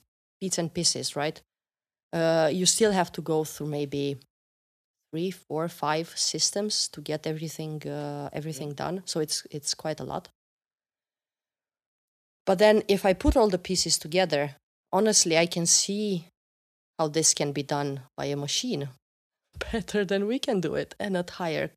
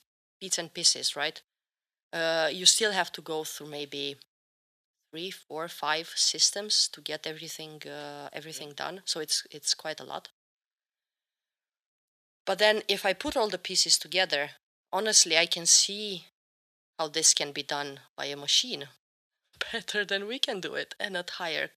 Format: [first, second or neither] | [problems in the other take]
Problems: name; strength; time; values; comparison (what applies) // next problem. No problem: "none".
first | thin; somewhat; fading below 850 Hz